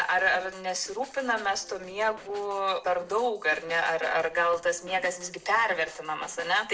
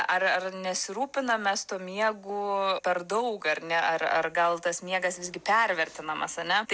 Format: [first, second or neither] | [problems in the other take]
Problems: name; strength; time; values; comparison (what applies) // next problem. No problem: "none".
second | noise reduction (neural separator model SepFormer DNS4)